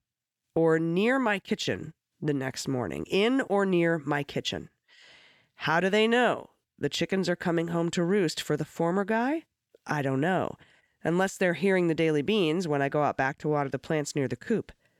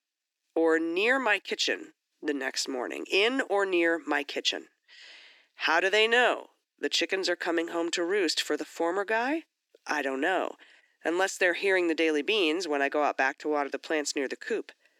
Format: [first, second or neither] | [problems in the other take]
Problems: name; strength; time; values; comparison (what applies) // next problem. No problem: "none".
first | thin; somewhat; fading below 300 Hz